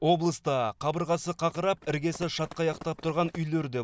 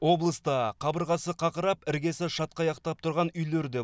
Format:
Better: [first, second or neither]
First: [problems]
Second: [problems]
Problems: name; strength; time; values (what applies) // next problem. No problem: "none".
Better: second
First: noise reduction (neural mask model Resemble Enhance denoiser)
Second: none